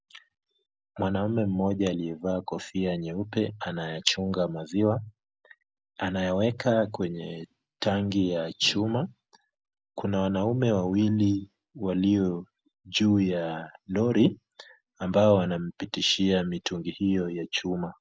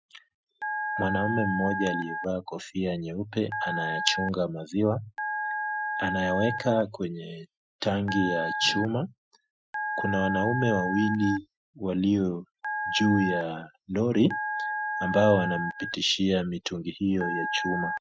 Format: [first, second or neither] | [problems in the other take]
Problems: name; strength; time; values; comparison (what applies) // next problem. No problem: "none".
first | noise reduction (classical method Wiener filter)